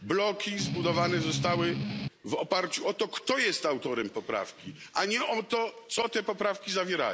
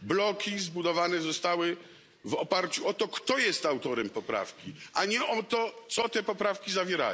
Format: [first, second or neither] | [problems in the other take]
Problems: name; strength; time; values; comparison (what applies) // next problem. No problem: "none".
second | background sound (Strum); 3 dB below the speech